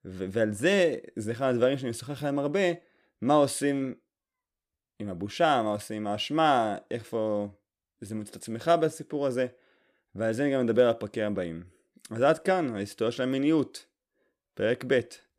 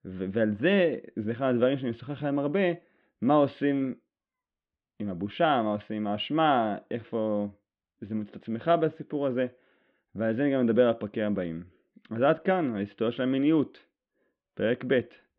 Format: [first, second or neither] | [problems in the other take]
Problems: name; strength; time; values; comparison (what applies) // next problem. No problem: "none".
first | muffled; very; fading above 3 kHz